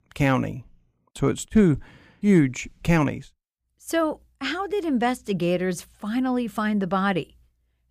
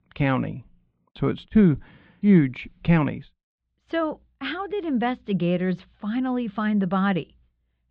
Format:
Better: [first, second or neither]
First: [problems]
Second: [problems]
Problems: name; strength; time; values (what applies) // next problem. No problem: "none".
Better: first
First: none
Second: muffled; very; fading above 4 kHz